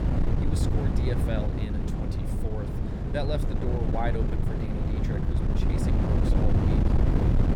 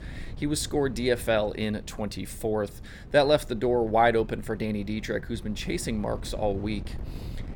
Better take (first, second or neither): second